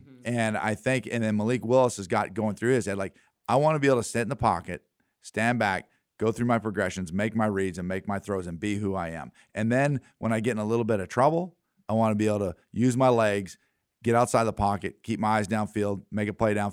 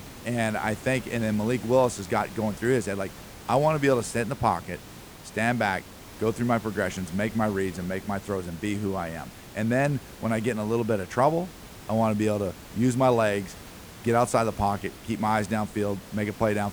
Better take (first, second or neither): first